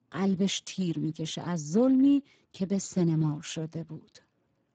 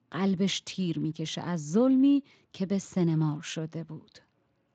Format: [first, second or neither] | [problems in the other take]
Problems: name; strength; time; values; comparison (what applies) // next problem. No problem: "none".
second | garbled, watery; badly; nothing above 7.5 kHz; slightly in the second